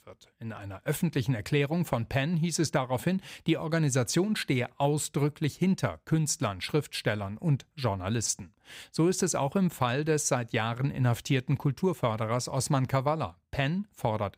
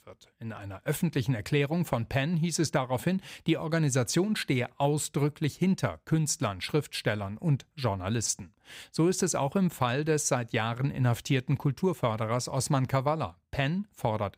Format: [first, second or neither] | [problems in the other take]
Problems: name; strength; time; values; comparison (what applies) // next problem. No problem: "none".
neither | none